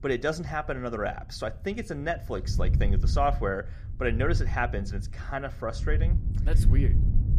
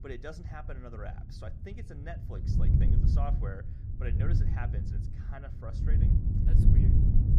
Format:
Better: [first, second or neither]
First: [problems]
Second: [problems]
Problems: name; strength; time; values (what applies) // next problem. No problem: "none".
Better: first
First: wind noise on the microphone; occasional gusts; 15 dB below the speech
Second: wind noise on the microphone; heavy; 3 dB above the speech